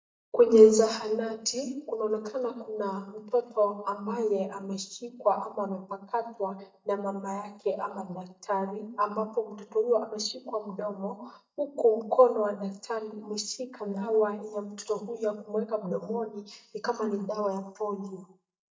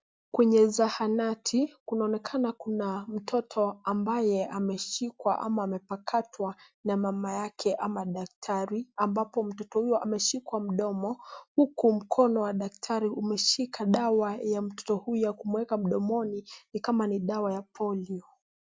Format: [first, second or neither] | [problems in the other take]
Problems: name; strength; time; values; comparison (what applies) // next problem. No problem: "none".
second | noise reduction (neural mask model DeepFilterNet 3)